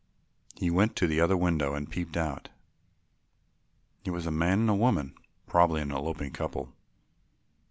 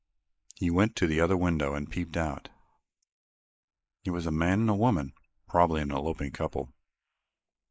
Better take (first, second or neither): first